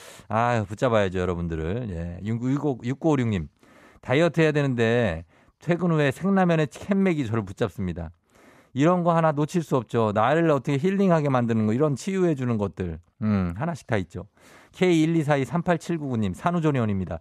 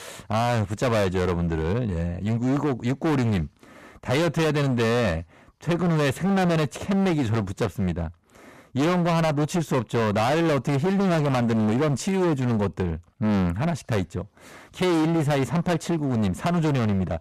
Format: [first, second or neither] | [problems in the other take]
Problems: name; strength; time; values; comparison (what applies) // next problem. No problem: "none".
first | distortion; heavy; 25% of the sound clipped